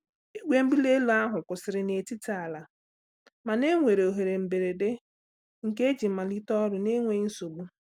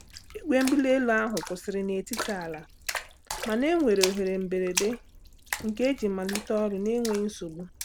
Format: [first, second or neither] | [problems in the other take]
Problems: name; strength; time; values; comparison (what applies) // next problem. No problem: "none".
first | background sound (Splash, splatter); 10 dB below the speech